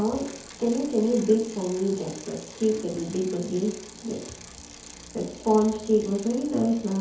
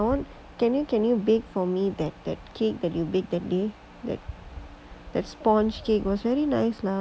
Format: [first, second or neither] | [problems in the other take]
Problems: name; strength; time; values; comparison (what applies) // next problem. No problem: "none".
second | background sound (Bicycle); 18 dB below the speech // room echo; dies away in 2.2 s